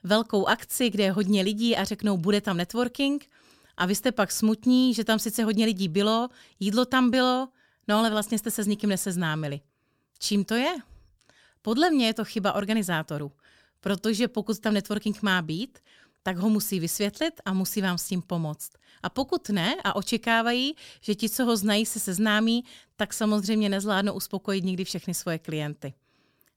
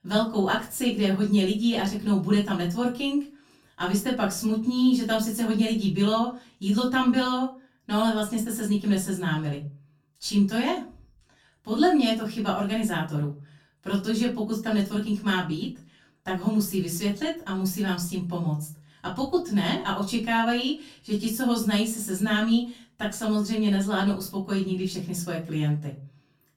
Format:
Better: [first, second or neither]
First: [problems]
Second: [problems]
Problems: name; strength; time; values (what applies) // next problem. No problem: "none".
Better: first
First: none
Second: room echo; slight; dies away in 0.3 s // off-mic speech; far